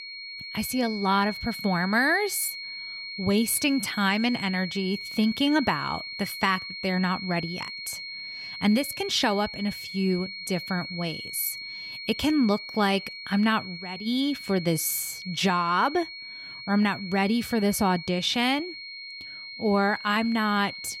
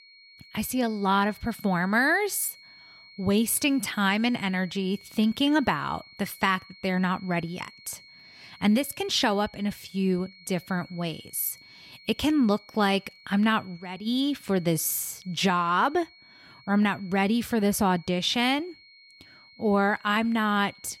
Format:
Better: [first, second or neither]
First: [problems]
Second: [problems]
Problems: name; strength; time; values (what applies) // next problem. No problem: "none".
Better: second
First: high-pitched whine; loud; throughout; 2 kHz, 9 dB below the speech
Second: high-pitched whine; faint; throughout; 2 kHz, 25 dB below the speech